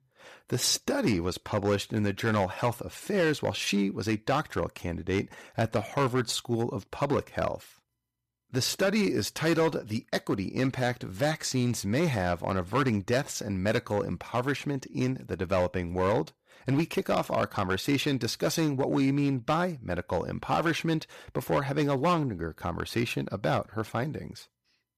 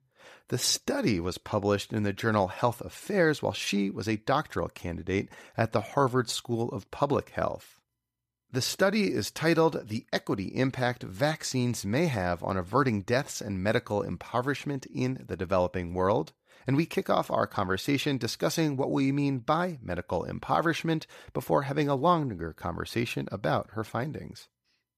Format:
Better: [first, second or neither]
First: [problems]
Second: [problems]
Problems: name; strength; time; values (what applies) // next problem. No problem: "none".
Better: second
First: distortion; slight; 5% of the sound clipped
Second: none